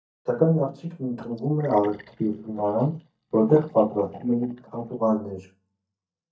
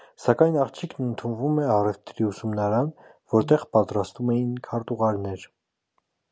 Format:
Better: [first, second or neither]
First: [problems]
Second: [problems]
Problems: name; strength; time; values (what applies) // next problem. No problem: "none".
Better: second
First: noise reduction (neural mask model DeepFilterNet 3)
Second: none